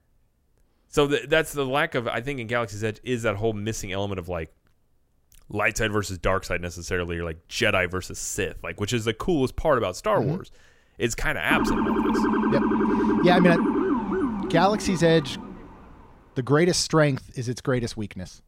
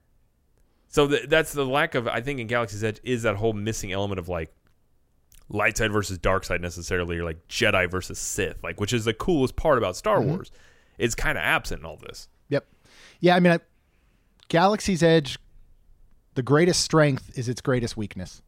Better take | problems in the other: second | siren; loud; from 12 to 16 s; peak 3 dB above the speech

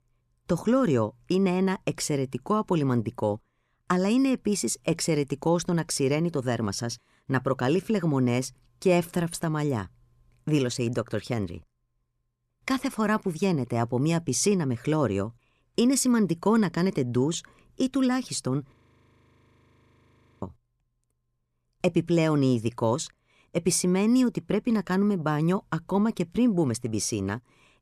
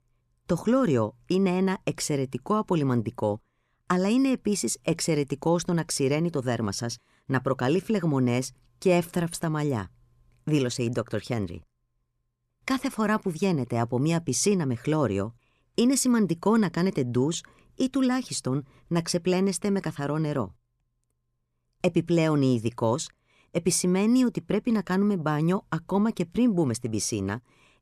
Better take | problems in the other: second | audio freezing; at 19 s for 1.5 s

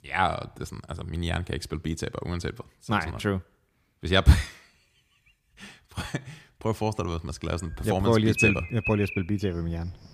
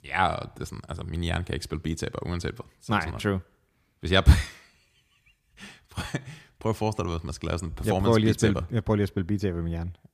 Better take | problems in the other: second | animal sounds; loud; from 7.5 s on; 1 dB below the speech

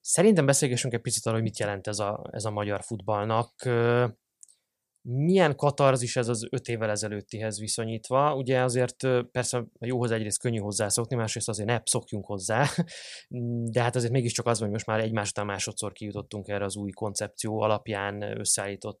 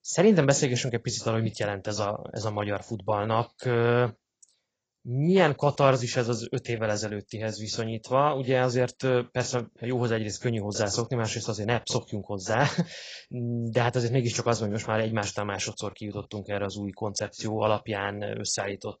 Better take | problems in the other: first | garbled, watery; badly; nothing above 7.5 kHz

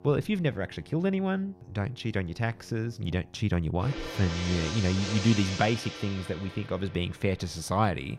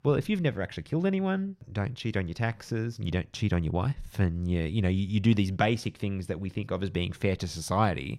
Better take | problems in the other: second | background music; loud; throughout; 7 dB below the speech

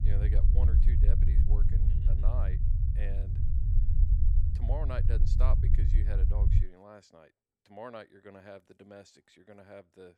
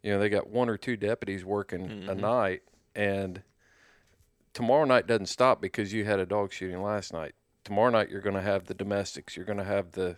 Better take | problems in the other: second | low rumble; loud; until 6.5 s; 1 dB below the speech

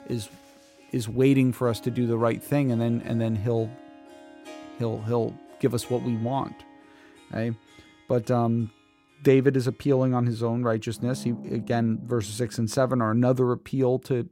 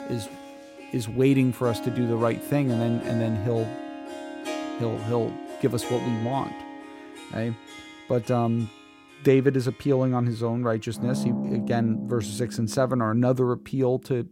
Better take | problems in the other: first | background music; loud; throughout; 10 dB below the speech; faint in the first

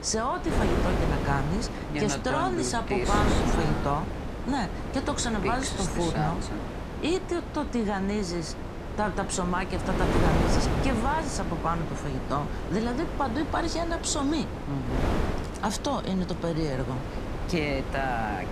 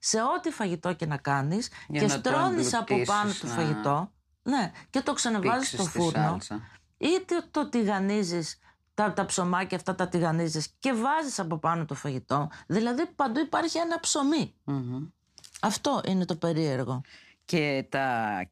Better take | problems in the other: second | wind noise on the microphone; heavy; 4 dB below the speech

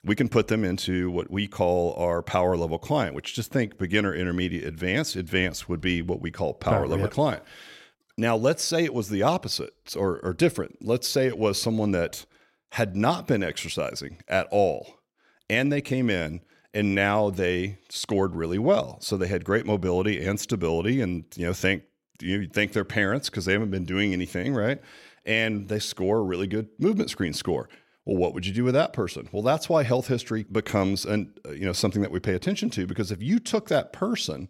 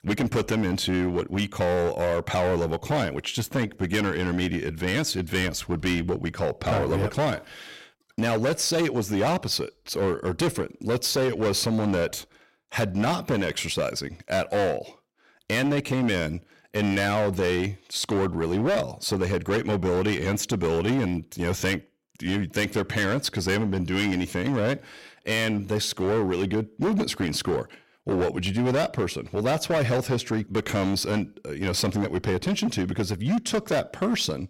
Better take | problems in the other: first | distortion; heavy; 15% of the sound clipped

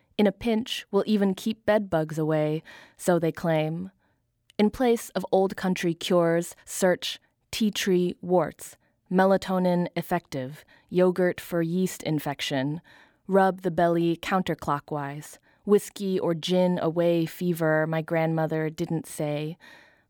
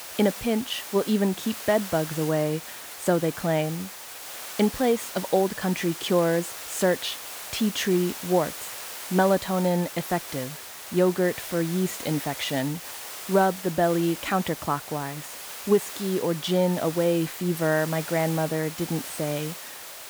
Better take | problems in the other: first | hiss; loud; throughout; 10 dB below the speech

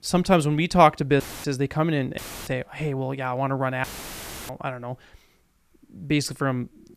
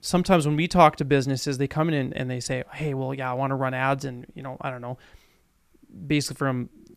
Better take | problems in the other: second | audio cutting out; filled with static; at 1 s, at 2 s and at 4 s for 0.5 s

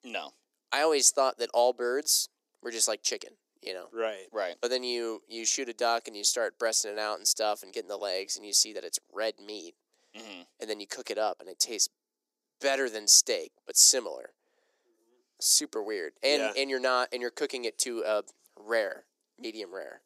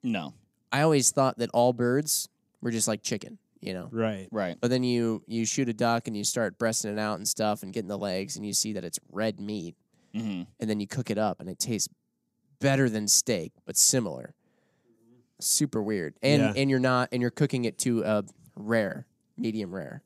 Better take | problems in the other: second | thin; very; fading below 350 Hz

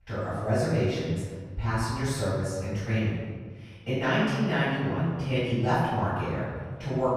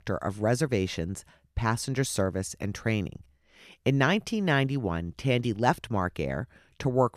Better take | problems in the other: second | room echo; strong; dies away in 1.5 s // off-mic speech; far

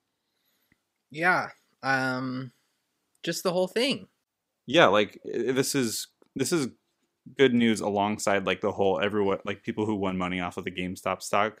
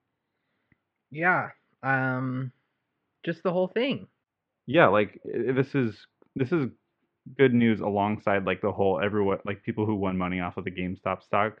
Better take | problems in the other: first | muffled; very; fading above 2.5 kHz

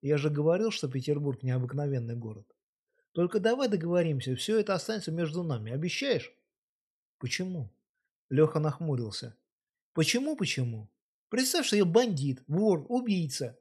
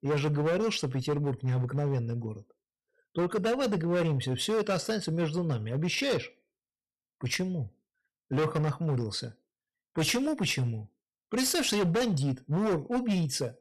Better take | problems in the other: first | distortion; heavy; 13% of the sound clipped

